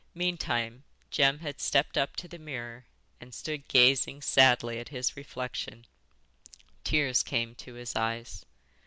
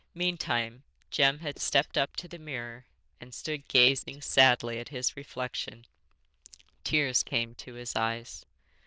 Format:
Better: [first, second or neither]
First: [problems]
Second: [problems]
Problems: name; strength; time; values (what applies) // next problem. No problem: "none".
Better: first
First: none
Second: noise reduction (neural diffusion model UNIVERSE++)